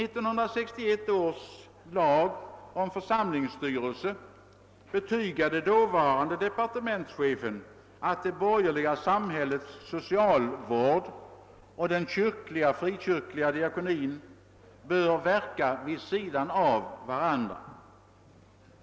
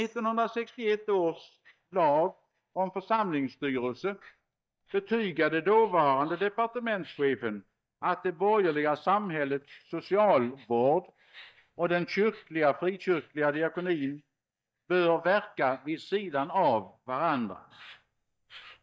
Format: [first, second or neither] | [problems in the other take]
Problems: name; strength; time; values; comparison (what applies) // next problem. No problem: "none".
first | noise reduction (neural mask model DeepFilterNet 3)